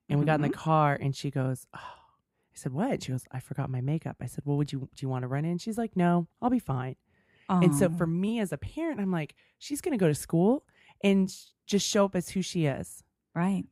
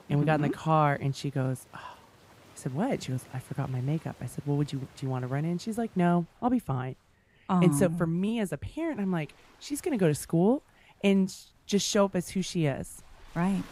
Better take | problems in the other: first | rain or running water; faint; throughout; 25 dB below the speech

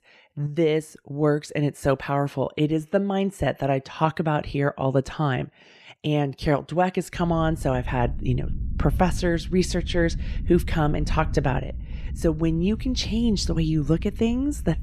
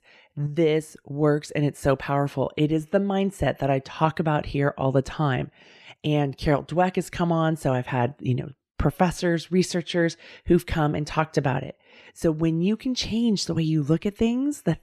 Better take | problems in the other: second | low rumble; faint; from 7 s on; 20 dB below the speech

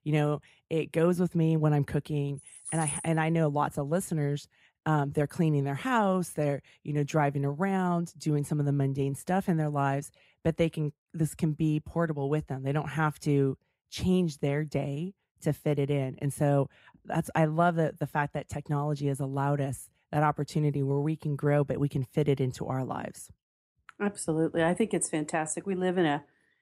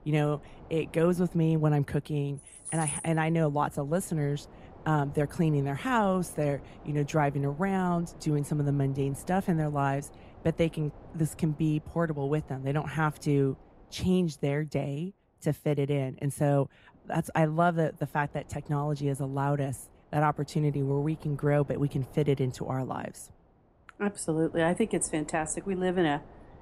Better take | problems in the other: first | wind noise on the microphone; occasional gusts; 25 dB below the speech

